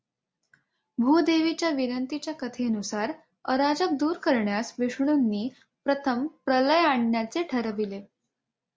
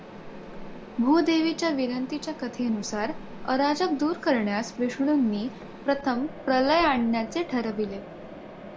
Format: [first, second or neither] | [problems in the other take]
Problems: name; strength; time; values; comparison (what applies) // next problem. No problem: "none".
first | background sound (Mechanisms); 14 dB below the speech